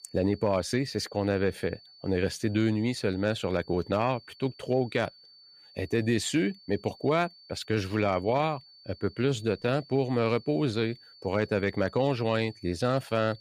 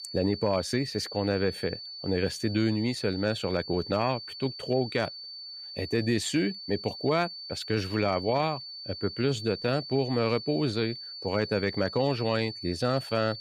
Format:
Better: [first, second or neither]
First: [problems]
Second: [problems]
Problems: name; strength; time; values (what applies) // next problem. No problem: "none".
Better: first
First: high-pitched whine; faint; throughout; 4.5 kHz, 25 dB below the speech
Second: high-pitched whine; loud; throughout; 4.5 kHz, 9 dB below the speech